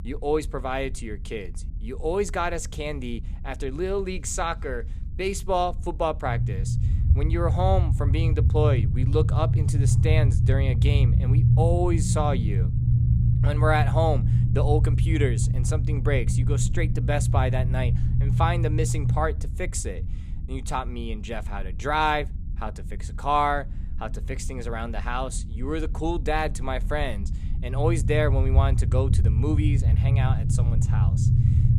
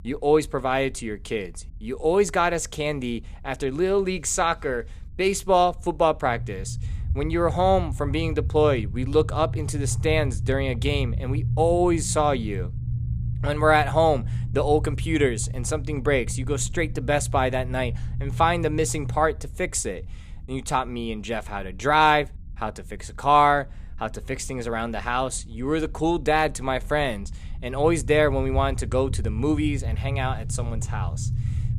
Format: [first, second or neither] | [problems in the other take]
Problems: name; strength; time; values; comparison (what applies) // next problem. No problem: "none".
second | low rumble; loud; throughout; 8 dB below the speech; faint in the second